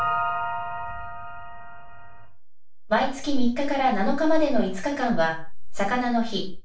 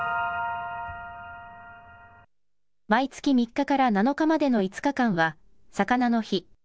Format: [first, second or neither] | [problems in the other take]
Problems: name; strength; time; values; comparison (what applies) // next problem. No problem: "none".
second | room echo; dies away in 0.3 s